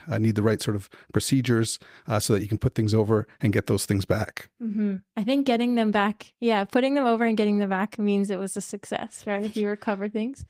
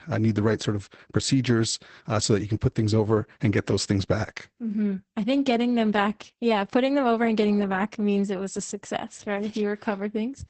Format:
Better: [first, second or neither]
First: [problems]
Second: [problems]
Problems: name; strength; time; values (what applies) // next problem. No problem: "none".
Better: first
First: garbled, watery; slightly; nothing above 15.5 kHz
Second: garbled, watery; badly; nothing above 8 kHz